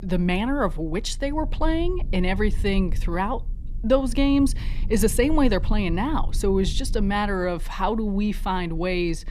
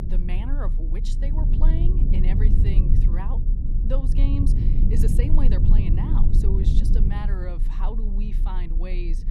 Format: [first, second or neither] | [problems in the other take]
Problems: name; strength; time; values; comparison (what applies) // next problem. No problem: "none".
first | low rumble; loud; throughout; 1 dB below the speech; faint in the first